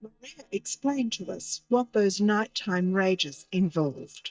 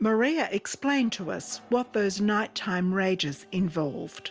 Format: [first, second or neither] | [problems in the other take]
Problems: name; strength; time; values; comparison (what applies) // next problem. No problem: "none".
second | noise reduction (neural mask model DeepFilterNet 3)